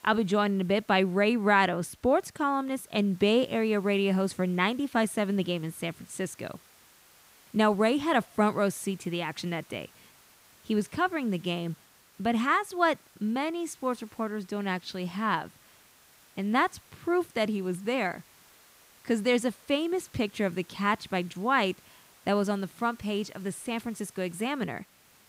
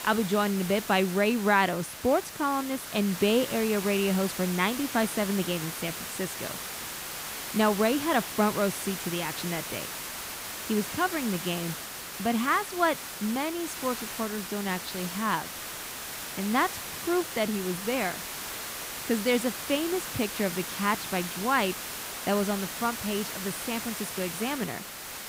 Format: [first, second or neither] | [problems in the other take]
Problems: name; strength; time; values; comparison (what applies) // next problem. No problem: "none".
first | hiss; loud; throughout; 6 dB below the speech; faint in the first